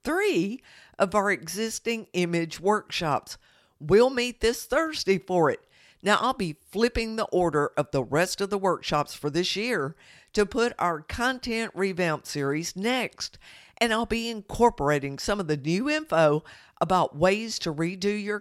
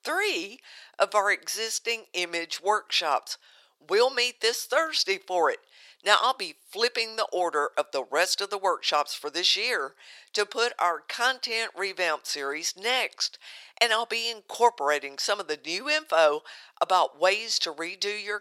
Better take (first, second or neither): first